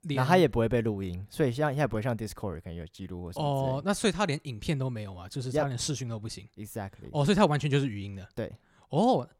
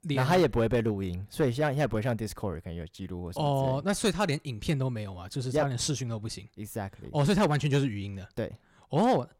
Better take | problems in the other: first | distortion; slight; 3% of the sound clipped

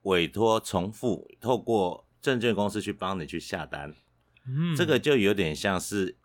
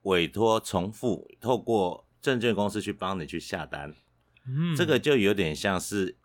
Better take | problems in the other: neither | none

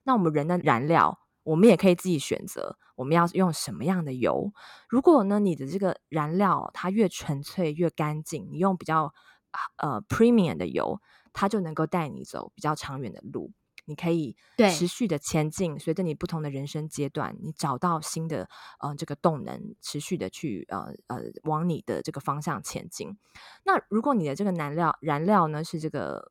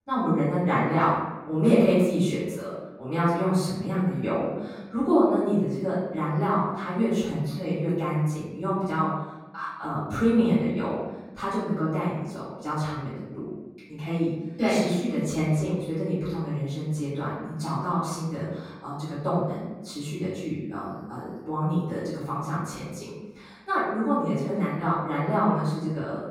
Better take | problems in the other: first | off-mic speech; far // room echo; noticeable; dies away in 1 s

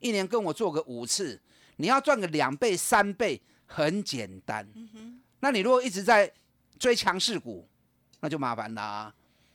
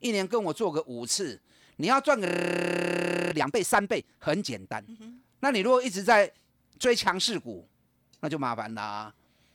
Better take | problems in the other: first | audio freezing; at 2.5 s for 1 s

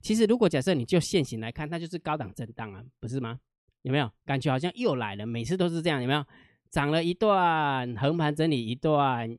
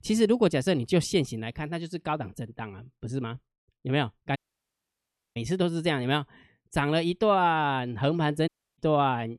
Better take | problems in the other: first | audio cutting out; at 4.5 s for 1 s and at 8.5 s

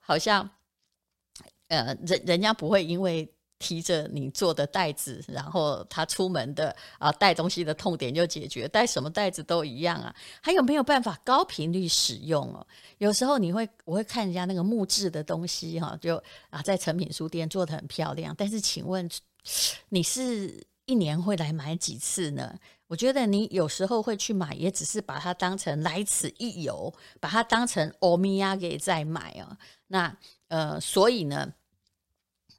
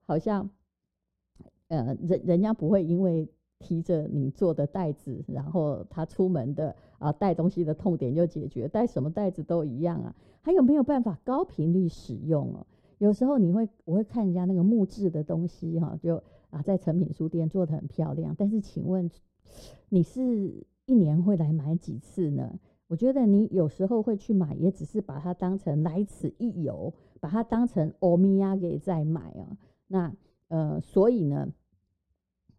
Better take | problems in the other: first | muffled; very; fading above 1 kHz

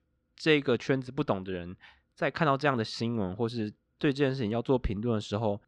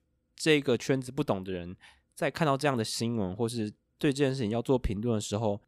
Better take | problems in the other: second | muffled; very slightly; fading above 5 kHz

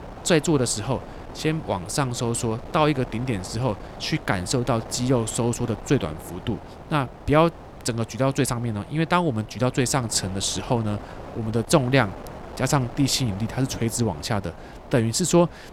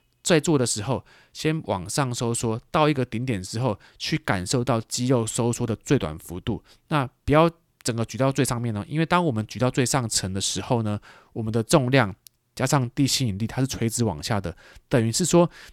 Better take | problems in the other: second | wind noise on the microphone; occasional gusts; 15 dB below the speech

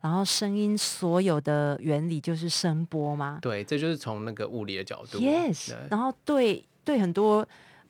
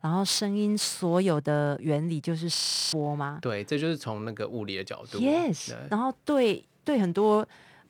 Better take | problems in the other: first | audio freezing; at 2.5 s

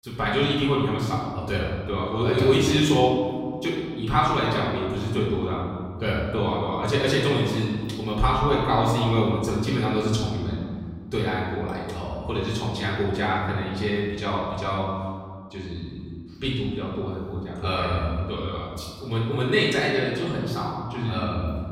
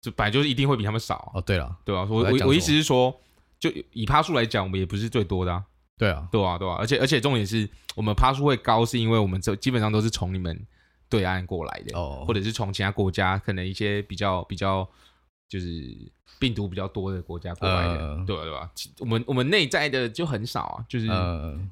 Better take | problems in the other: second | room echo; noticeable; dies away in 1.7 s // off-mic speech; far

